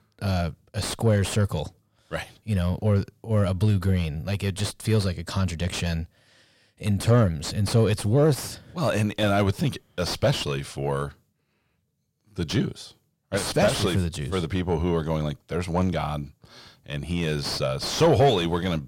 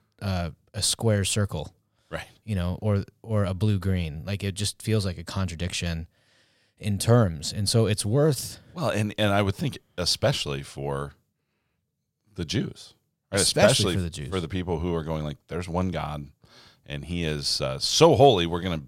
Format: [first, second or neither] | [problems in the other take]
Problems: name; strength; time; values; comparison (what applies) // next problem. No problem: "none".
second | distortion; heavy; 7 dB below the speech